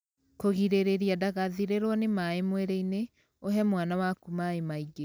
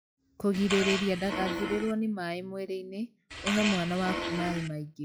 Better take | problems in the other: first | noise reduction (classical method log-MMSE)

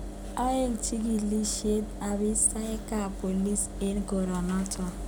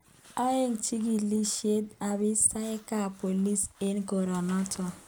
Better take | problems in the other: second | background sound (Engine); 8 dB below the speech

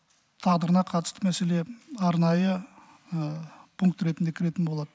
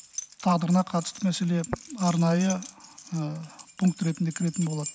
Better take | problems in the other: first | background sound (Tap + Keys jangling); 14 dB below the speech

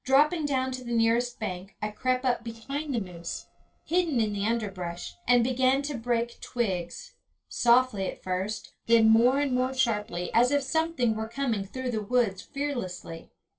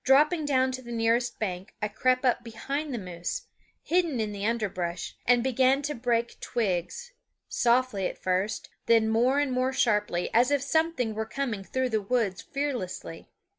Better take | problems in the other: second | noise reduction (neural separator model SepFormer DNS4)

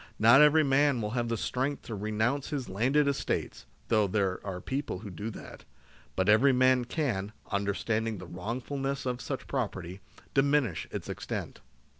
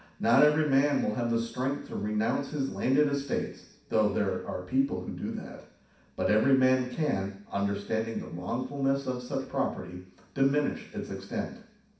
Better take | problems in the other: first | room echo; dies away in 0.6 s

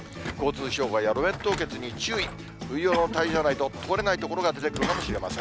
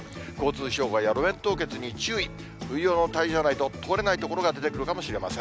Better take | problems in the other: second | background sound (Thump, thud + Cough); 10 dB below the speech

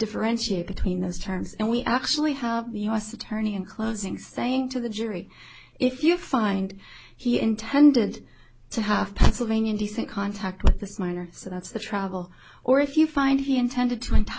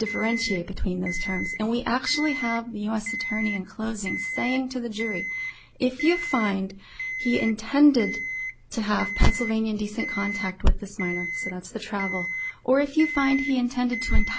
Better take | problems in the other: first | background sound (Alarm); 8 dB below the speech

